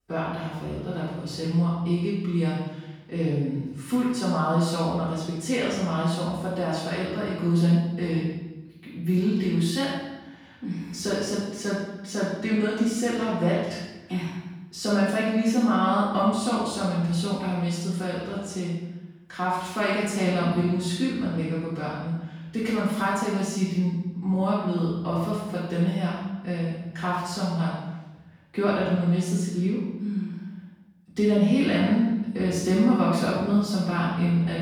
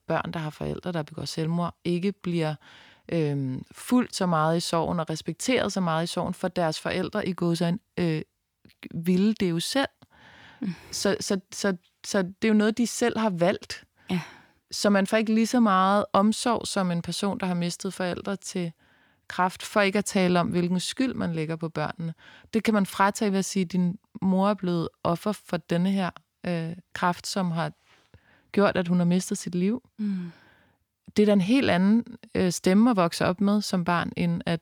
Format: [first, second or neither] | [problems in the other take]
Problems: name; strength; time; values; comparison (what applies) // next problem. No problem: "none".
second | room echo; strong; dies away in 0.9 s // off-mic speech; far